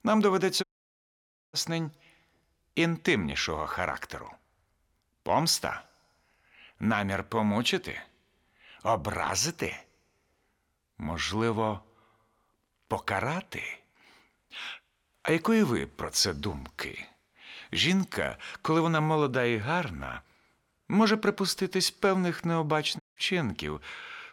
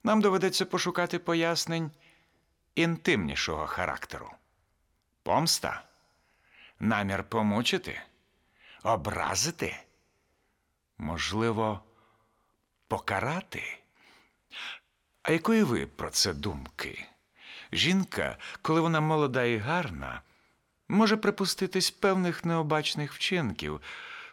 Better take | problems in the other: second | audio cutting out; at 0.5 s for 1 s and at 23 s

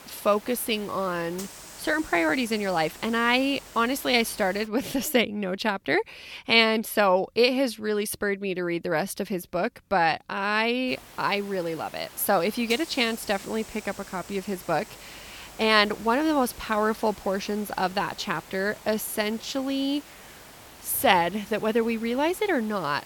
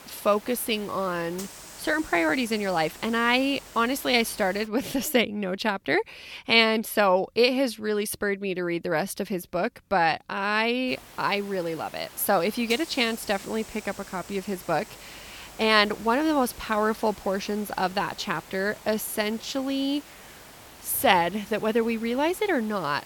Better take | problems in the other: neither | hiss; noticeable; until 4.5 s and from 11 s on; 20 dB below the speech; the same in both

